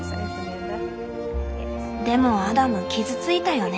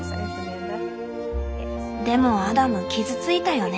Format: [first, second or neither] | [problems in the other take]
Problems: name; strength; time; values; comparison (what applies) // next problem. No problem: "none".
second | background sound (Applause / Crowd / Cheering + Wind instrument, woodwind instrument); 19 dB below the speech